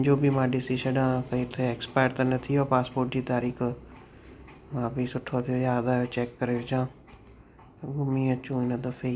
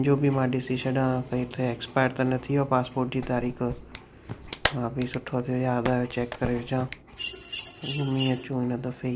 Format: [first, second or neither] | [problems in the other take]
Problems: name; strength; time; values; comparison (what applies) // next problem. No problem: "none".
first | background sound (Clapping + Mechanisms); 10 dB below the speech